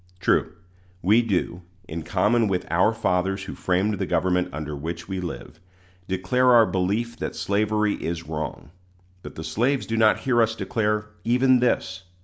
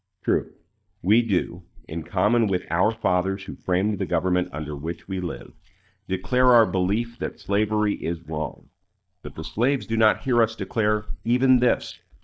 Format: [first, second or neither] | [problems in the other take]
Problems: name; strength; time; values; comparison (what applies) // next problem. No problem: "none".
first | noise reduction (neural mask model DeepFilterNet 3)